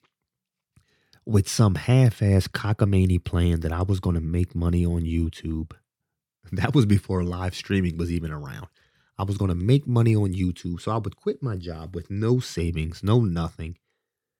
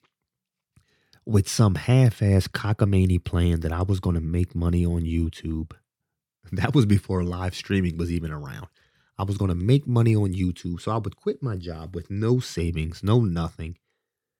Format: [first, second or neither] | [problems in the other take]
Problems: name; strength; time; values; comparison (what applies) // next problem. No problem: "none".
neither | none